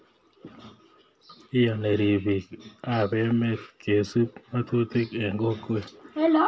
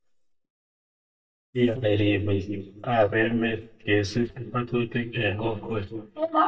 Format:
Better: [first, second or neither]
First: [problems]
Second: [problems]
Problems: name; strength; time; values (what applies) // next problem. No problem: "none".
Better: first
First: none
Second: noise reduction (neural mask model DeepFilterNet 3)